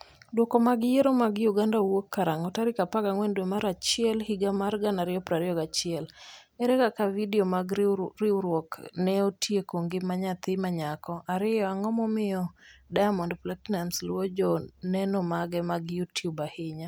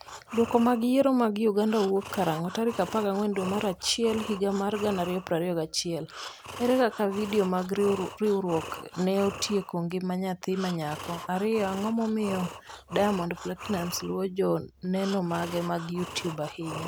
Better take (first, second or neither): first